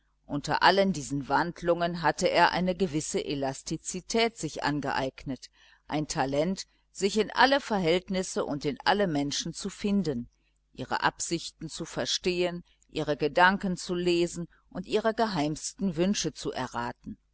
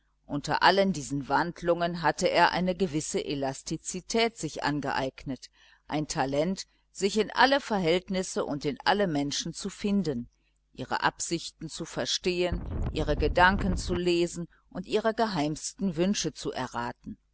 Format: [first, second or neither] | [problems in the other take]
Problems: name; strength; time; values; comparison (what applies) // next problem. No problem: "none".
first | background sound (Wind); 3 dB below the speech